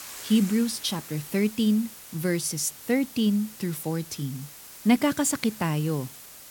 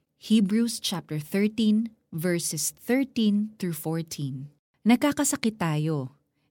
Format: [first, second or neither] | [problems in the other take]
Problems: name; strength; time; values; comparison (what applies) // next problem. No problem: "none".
second | hiss; noticeable; throughout; 15 dB below the speech